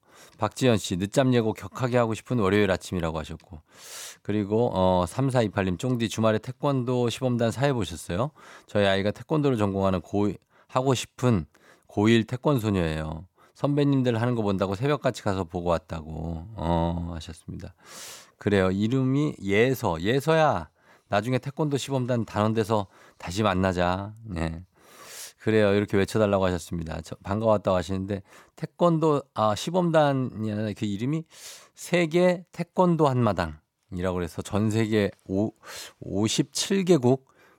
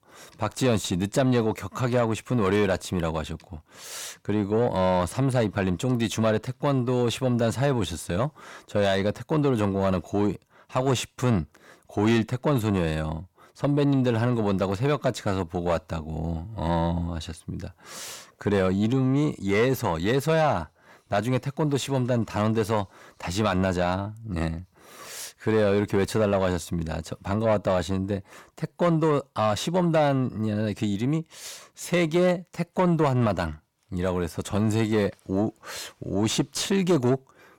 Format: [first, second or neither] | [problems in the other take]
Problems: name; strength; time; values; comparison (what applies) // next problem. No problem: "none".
first | distortion; slight; 10 dB below the speech